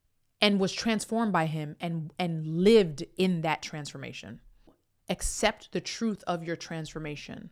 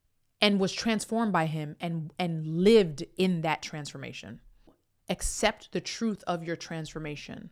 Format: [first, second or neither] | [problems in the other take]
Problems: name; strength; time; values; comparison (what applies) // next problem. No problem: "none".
neither | none